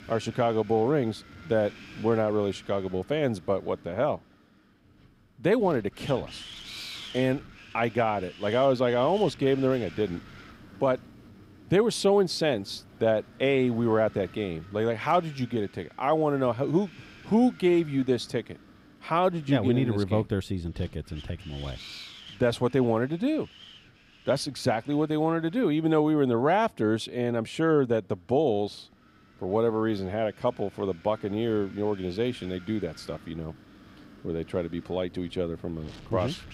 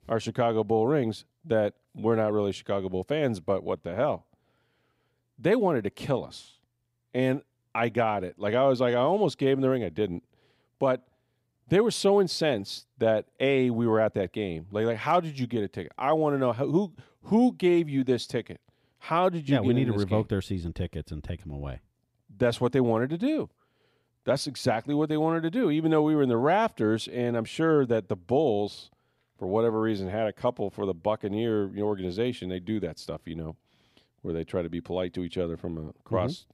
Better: second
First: wind noise on the microphone; occasional gusts; 20 dB below the speech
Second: none

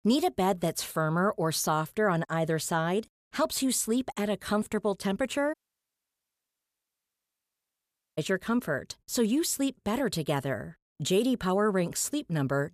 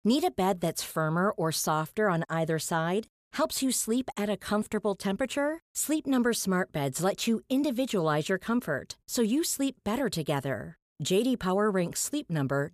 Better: second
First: audio cutting out; at 5.5 s for 2.5 s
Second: none

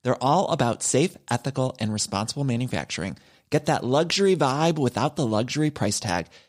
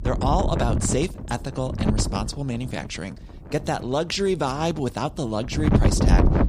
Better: first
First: none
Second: wind noise on the microphone; heavy; 4 dB below the speech

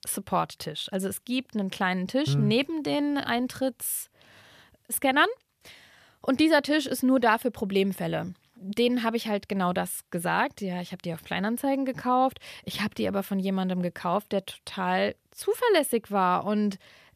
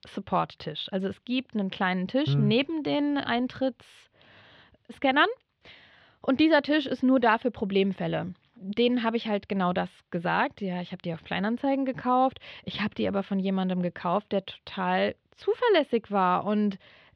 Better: first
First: none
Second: muffled; very slightly; fading above 3.5 kHz

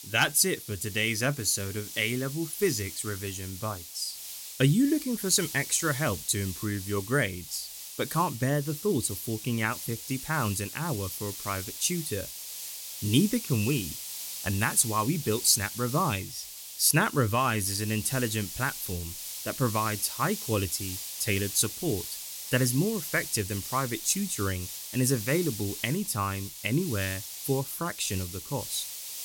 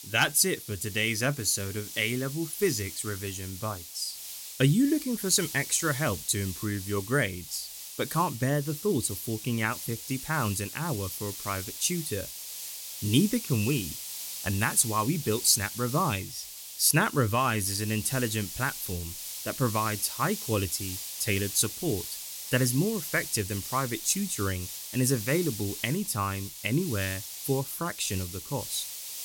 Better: neither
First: hiss; loud; throughout; 8 dB below the speech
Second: hiss; loud; throughout; 8 dB below the speech

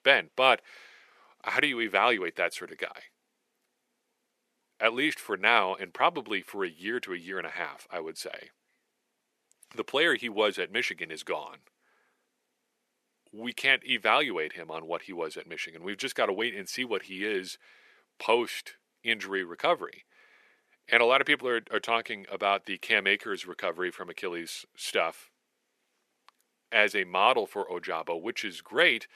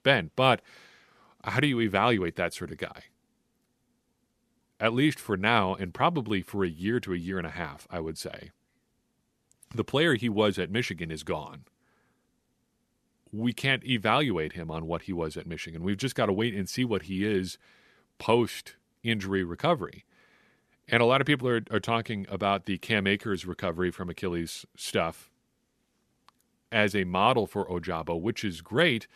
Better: second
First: thin; somewhat; fading below 450 Hz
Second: none

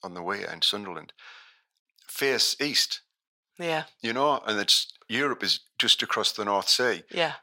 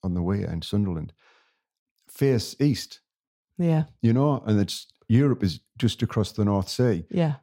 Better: second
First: thin; very; fading below 750 Hz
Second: none

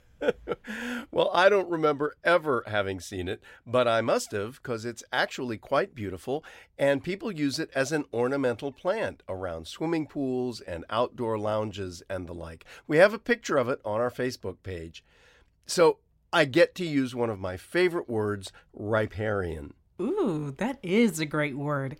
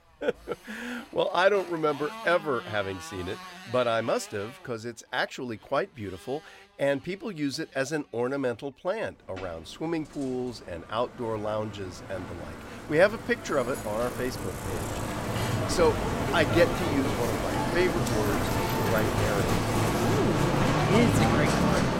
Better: first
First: none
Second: traffic noise; very loud; throughout; 1 dB above the speech

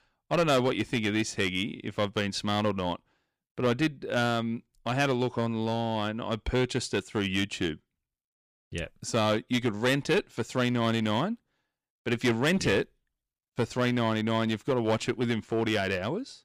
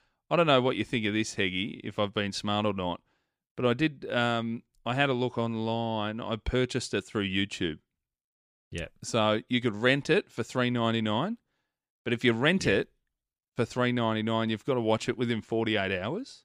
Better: second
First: distortion; slight; 5% of the sound clipped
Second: none

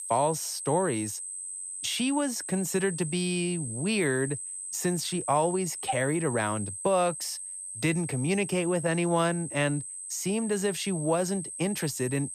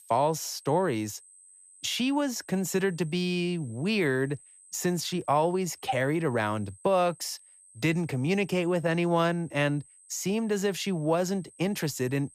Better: second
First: high-pitched whine; loud; throughout; 8 kHz, 7 dB below the speech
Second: high-pitched whine; faint; throughout; 8 kHz, 25 dB below the speech

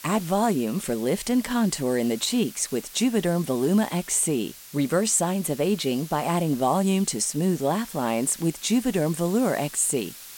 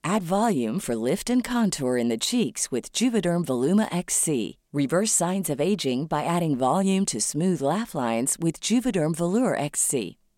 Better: second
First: hiss; noticeable; throughout; 15 dB below the speech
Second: none

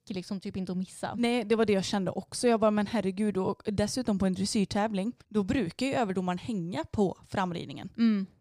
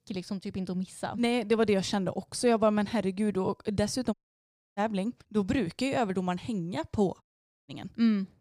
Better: first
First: none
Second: audio cutting out; at 4 s for 0.5 s and at 7 s

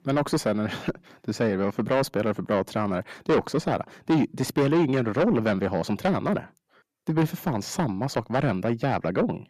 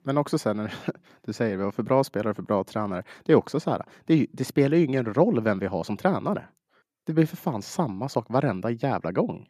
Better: second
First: distortion; heavy; 7 dB below the speech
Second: none

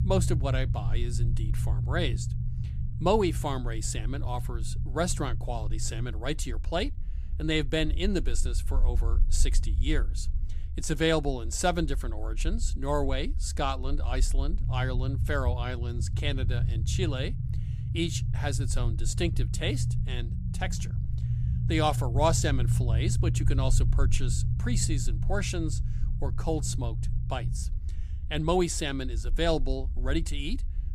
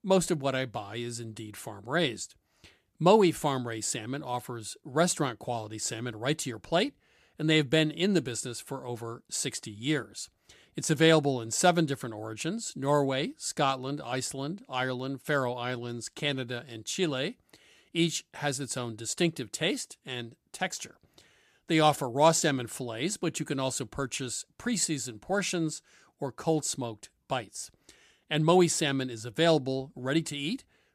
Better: second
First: low rumble; noticeable; throughout; 15 dB below the speech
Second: none

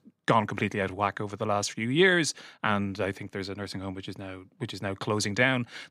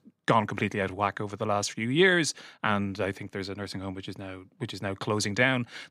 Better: neither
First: none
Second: none

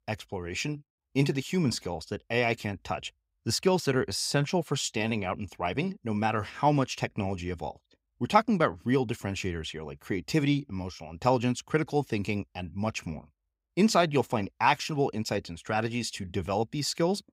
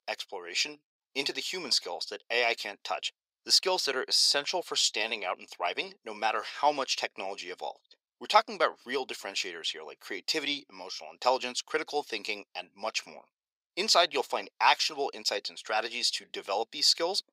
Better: first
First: none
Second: thin; very; fading below 500 Hz

